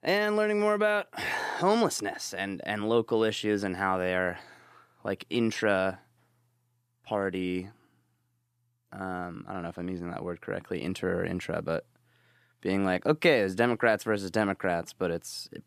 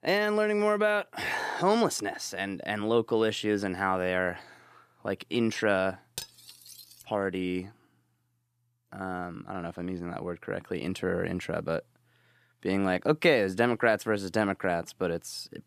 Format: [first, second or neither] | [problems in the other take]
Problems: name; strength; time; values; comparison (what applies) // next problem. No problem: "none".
first | clattering dishes; faint; at 6 s; peak 10 dB below the speech